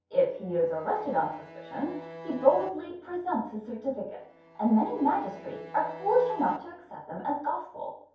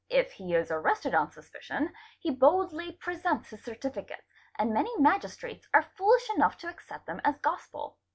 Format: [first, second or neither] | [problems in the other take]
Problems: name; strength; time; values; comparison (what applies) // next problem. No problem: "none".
second | background sound (Bowed string instrument); 17 dB below the speech // room echo; dies away in 0.6 s